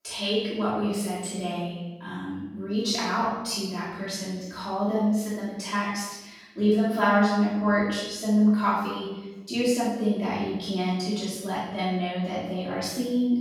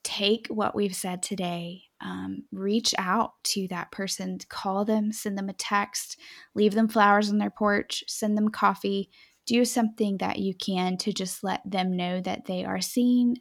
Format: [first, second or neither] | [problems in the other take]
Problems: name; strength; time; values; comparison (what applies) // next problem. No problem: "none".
second | off-mic speech; far // room echo; strong; dies away in 1 s